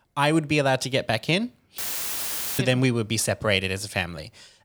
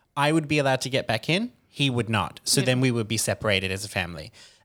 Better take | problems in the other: second | audio cutting out; filled with static; at 2 s for 1 s

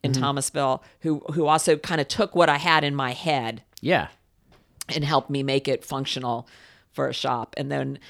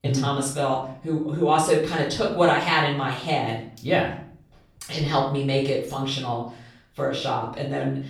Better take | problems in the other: first | off-mic speech; far // room echo; noticeable; dies away in 0.5 s

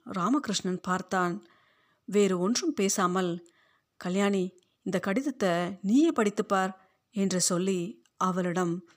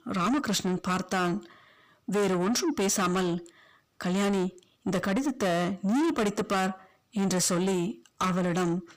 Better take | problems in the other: first | distortion; heavy; 7 dB below the speech

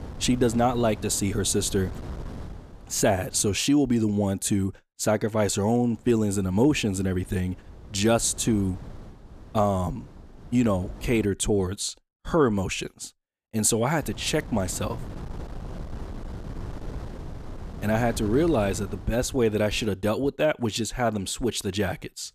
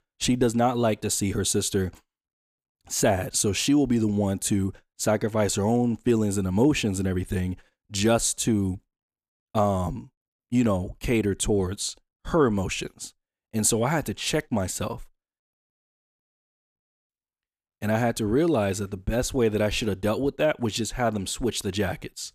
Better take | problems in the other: second | wind noise on the microphone; occasional gusts; until 3.5 s, from 6 to 11 s and from 14 to 20 s; 20 dB below the speech

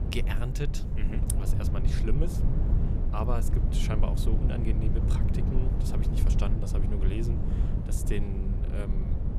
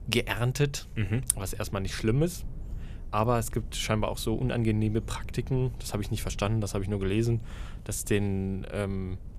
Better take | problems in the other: second | low rumble; loud; throughout; 2 dB below the speech; faint in the second

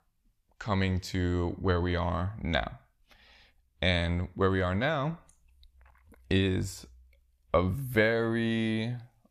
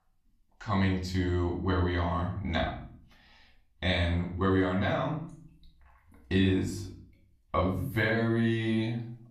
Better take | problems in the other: first | off-mic speech; far // room echo; slight; dies away in 0.5 s

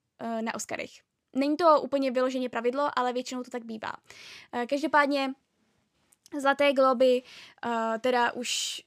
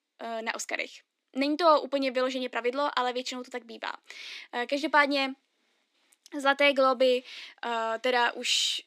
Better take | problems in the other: first | thin; very slightly; fading below 250 Hz

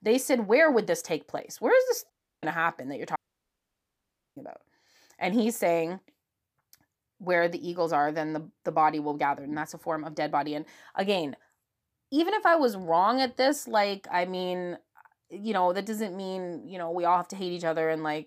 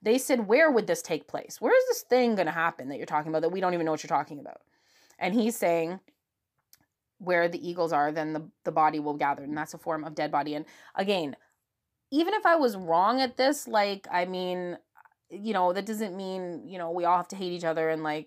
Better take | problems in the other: second | audio cutting out; at 2 s and at 3 s for 1 s

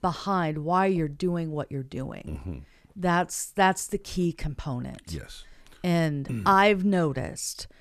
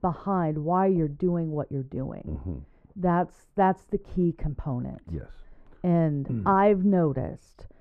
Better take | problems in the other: first | muffled; very; fading above 2.5 kHz

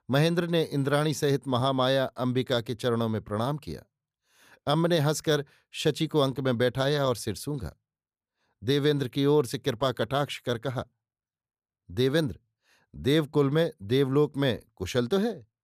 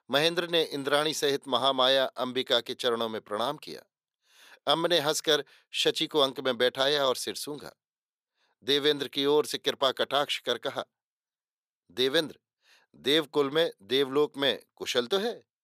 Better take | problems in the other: first | thin; somewhat; fading below 400 Hz

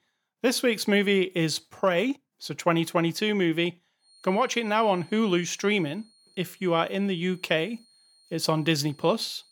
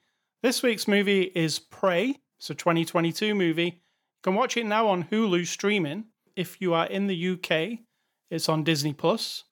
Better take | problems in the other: second | high-pitched whine; faint; from 4 s on; 4.5 kHz, 30 dB below the speech

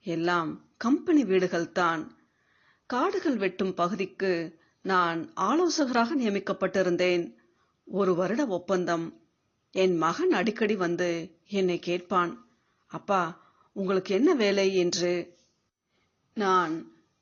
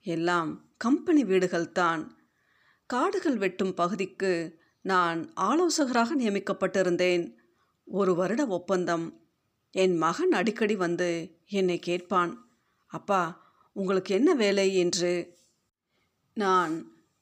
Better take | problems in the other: second | garbled, watery; slightly; nothing above 6.5 kHz

